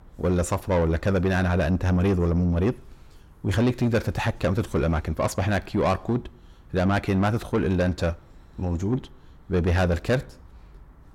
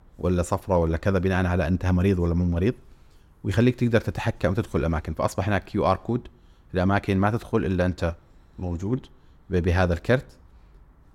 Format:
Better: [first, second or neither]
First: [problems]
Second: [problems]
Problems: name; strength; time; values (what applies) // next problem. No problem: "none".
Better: second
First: distortion; slight; 10 dB below the speech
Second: none